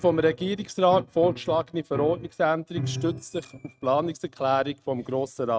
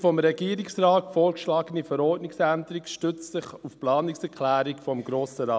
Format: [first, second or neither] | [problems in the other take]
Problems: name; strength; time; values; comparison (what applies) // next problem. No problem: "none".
second | noise reduction (neural mask model RNNoise)